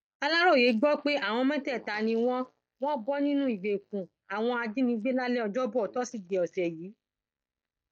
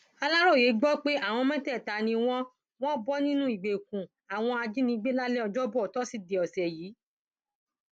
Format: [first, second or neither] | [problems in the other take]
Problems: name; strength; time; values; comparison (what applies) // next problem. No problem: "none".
second | noise reduction (neural mask model DeepFilterNet 3)